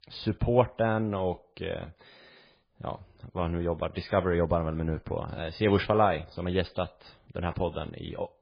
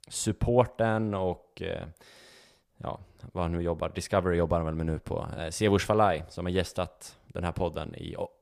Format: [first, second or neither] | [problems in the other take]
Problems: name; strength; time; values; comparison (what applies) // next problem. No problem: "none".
second | garbled, watery; badly; nothing above 5 kHz